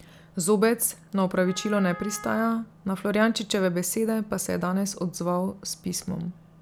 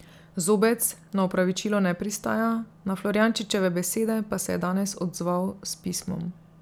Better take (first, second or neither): second